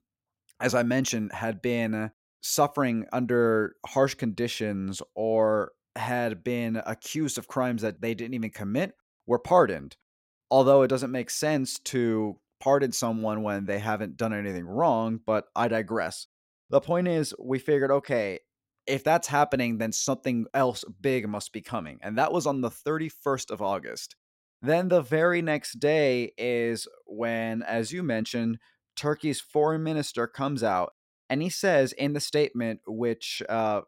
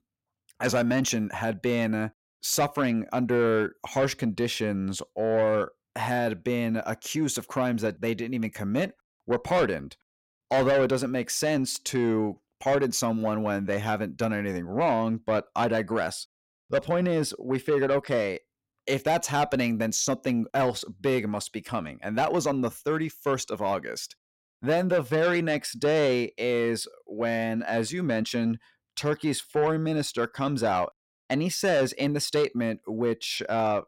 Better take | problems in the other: first | distortion; slight; 10 dB below the speech

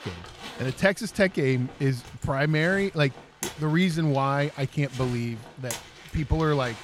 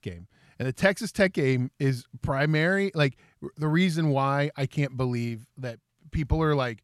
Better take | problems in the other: second | household noises; noticeable; throughout; 15 dB below the speech

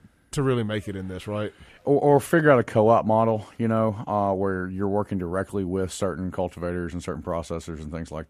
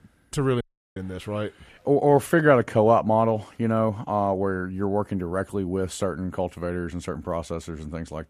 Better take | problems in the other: first | audio cutting out; at 0.5 s

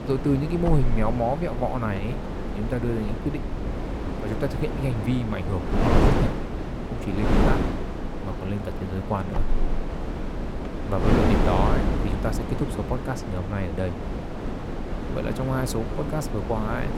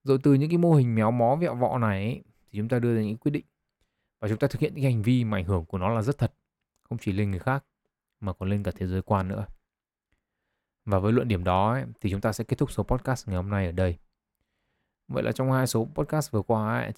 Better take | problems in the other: second | wind noise on the microphone; heavy; 1 dB below the speech

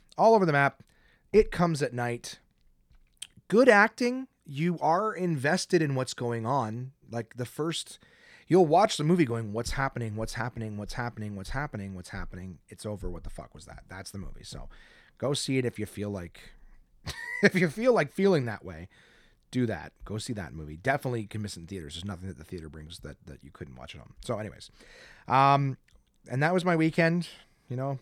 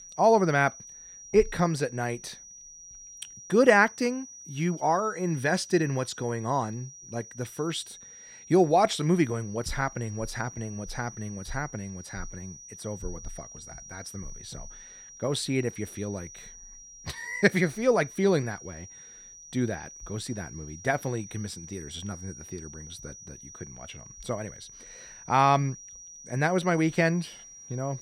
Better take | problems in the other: first | high-pitched whine; noticeable; throughout; 6 kHz, 15 dB below the speech

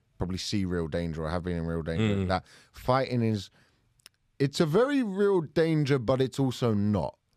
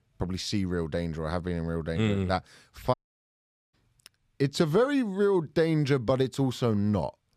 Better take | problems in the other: first | audio cutting out; at 3 s for 1 s

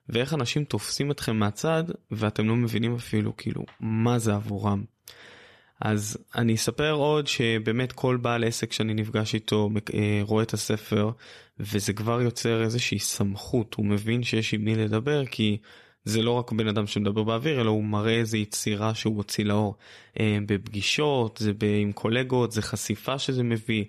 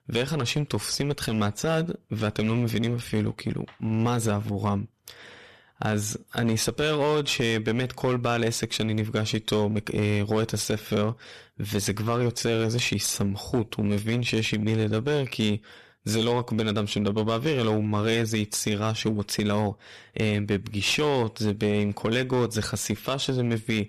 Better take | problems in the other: first | distortion; slight; 10% of the sound clipped

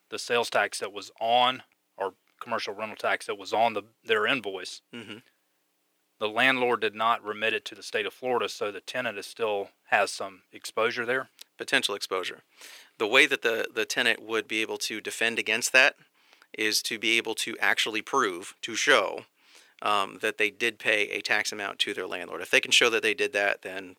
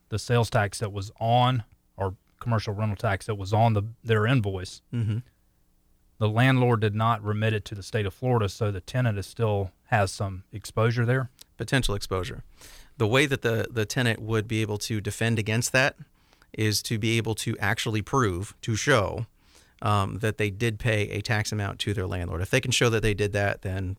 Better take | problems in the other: second | thin; very; fading below 350 Hz

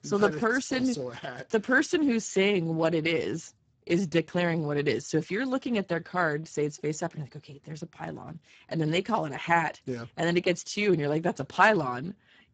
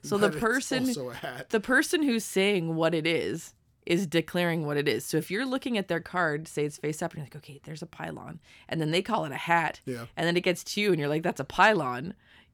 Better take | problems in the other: second | garbled, watery; badly; nothing above 7.5 kHz

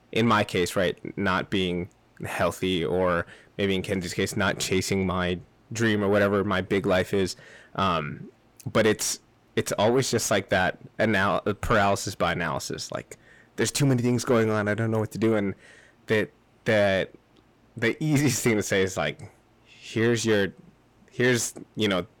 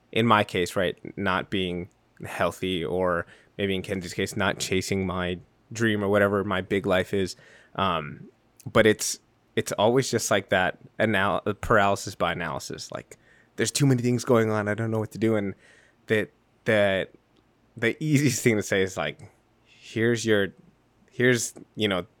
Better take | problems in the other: second | distortion; slight; 10 dB below the speech

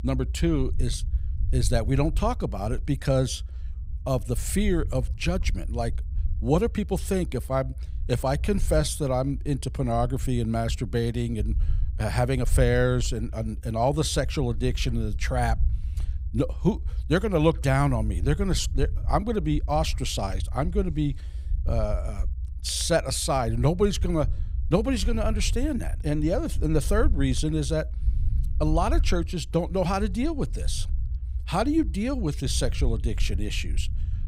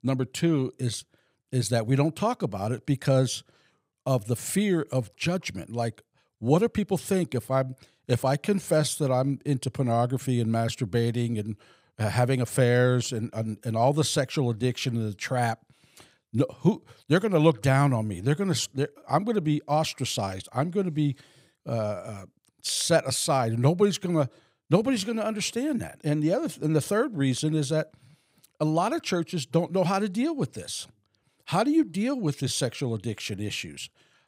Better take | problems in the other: second | low rumble; faint; throughout; 20 dB below the speech

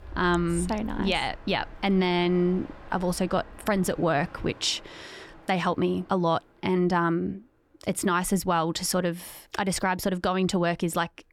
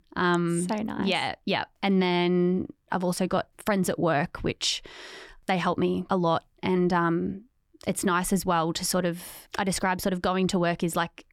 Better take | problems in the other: second | train or aircraft noise; noticeable; throughout; 20 dB below the speech

